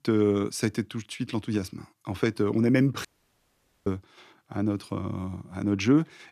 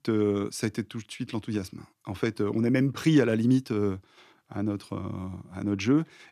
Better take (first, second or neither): second